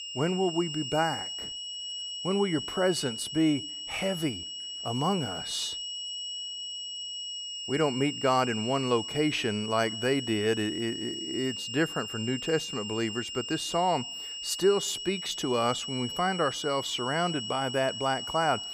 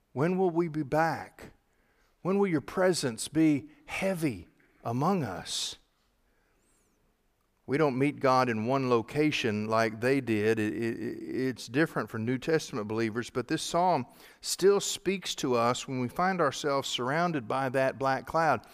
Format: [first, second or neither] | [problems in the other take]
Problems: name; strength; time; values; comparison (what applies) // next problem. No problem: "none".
second | high-pitched whine; loud; throughout; 3 kHz, 5 dB below the speech